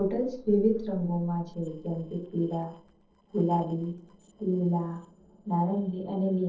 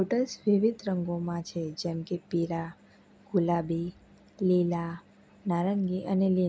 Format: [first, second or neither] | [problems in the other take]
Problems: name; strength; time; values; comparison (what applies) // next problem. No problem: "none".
second | noise reduction (neural separator model SepFormer DNS4)